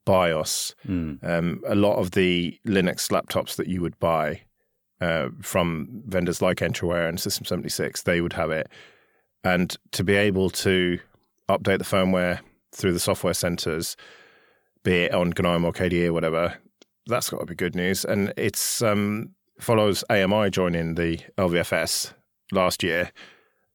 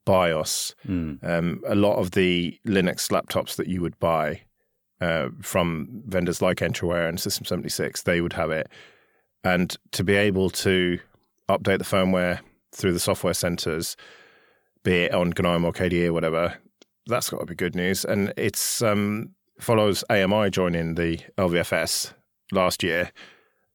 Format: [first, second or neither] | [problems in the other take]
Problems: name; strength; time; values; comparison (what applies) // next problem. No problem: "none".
neither | none